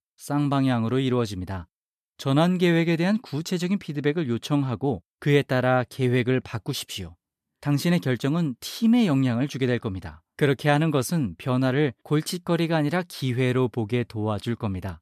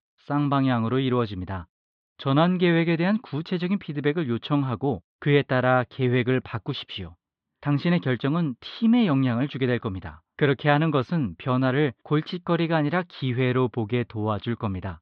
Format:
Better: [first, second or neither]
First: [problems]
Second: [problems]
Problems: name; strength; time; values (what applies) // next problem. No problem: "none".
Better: first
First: none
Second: muffled; slightly; fading above 3.5 kHz